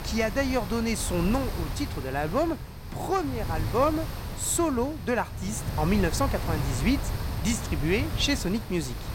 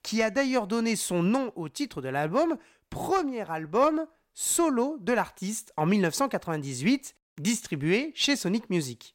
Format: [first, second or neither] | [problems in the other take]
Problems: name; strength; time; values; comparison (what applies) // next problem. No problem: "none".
second | wind noise on the microphone; heavy; 10 dB below the speech